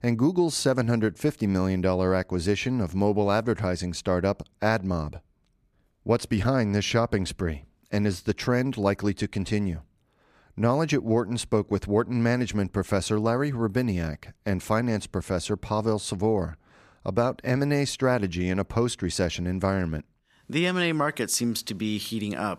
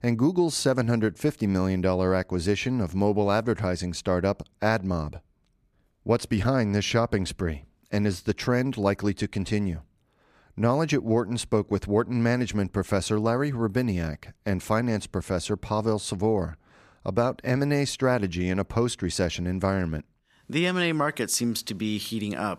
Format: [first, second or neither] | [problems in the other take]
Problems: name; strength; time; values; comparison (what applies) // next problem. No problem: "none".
neither | none